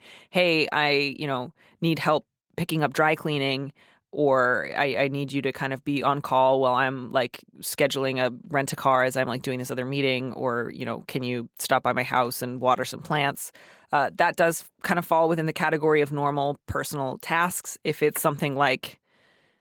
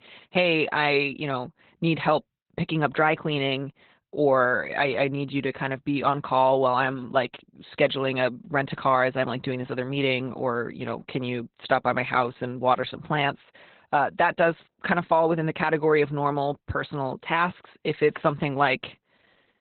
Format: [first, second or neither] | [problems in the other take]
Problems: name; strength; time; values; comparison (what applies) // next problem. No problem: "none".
first | garbled, watery; badly; nothing above 4 kHz; slightly in the first